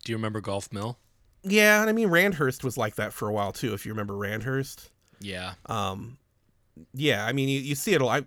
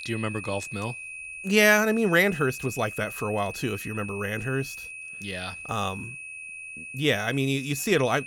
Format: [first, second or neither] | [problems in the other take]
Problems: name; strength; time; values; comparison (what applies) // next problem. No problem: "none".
first | high-pitched whine; noticeable; throughout; 2.5 kHz, 10 dB below the speech